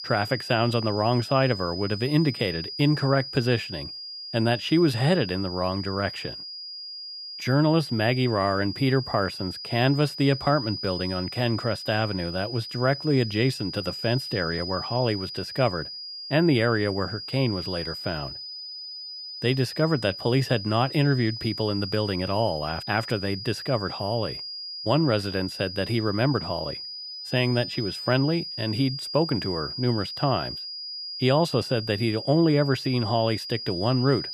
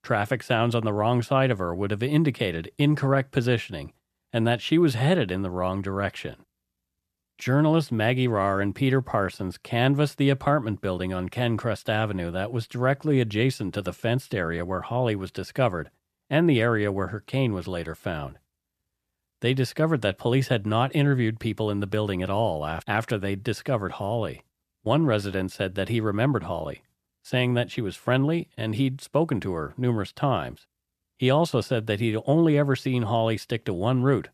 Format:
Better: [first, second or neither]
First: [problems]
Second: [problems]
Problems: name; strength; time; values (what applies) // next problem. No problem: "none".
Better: second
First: high-pitched whine; loud; throughout; 5 kHz, 8 dB below the speech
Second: none